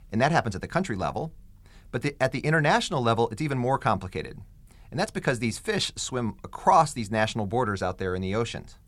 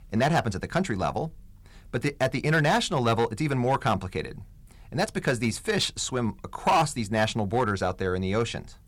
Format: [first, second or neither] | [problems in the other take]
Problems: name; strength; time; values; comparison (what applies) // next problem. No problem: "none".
first | distortion; slight; 4% of the sound clipped